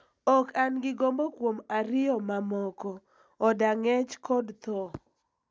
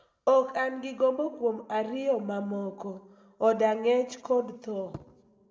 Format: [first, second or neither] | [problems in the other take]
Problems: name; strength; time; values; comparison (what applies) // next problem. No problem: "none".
first | room echo; dies away in 1.1 s